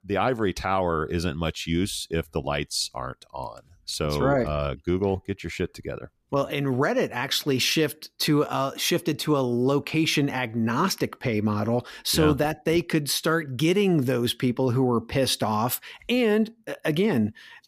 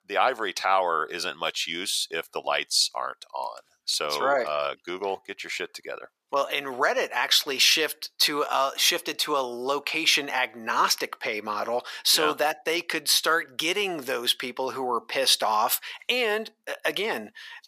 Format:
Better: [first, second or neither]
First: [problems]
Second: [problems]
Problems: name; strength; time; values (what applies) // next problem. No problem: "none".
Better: first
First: none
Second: thin; very; fading below 750 Hz